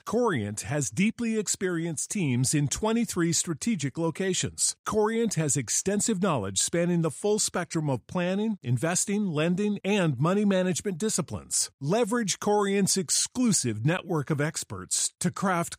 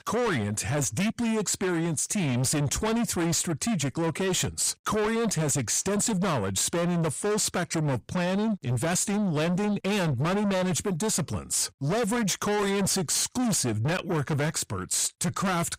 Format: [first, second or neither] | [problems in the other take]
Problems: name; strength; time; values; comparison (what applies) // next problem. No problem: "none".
first | distortion; heavy; 7 dB below the speech